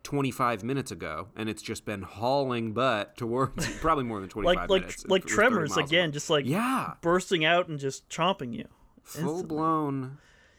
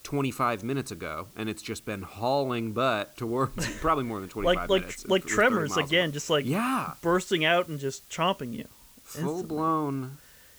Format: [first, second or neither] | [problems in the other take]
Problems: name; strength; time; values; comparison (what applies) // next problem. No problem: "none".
first | hiss; faint; throughout; 25 dB below the speech